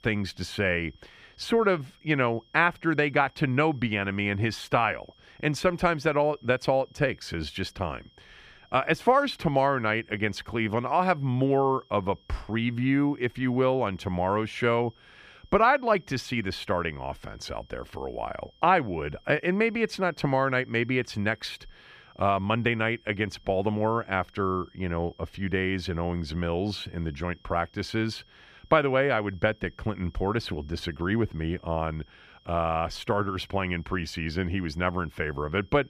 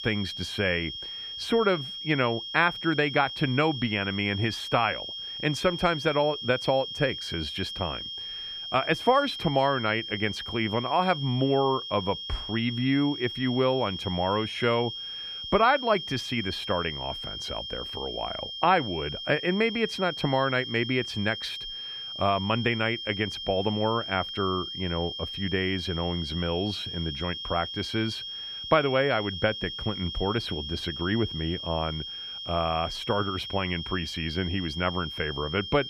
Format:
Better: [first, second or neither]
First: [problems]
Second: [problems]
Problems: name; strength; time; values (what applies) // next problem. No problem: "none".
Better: first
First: high-pitched whine; faint; throughout; 3 kHz, 30 dB below the speech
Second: high-pitched whine; loud; throughout; 3 kHz, 6 dB below the speech